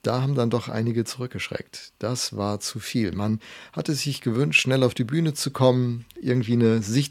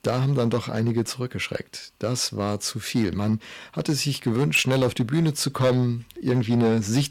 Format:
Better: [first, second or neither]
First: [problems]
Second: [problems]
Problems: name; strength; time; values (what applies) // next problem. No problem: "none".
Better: first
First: none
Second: distortion; slight; 5% of the sound clipped